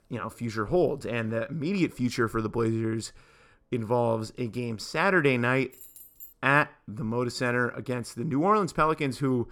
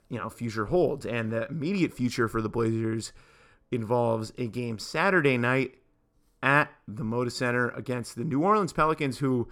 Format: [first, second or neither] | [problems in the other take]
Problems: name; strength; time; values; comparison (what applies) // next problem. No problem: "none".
second | jangling keys; faint; at 5.5 s; peak 15 dB below the speech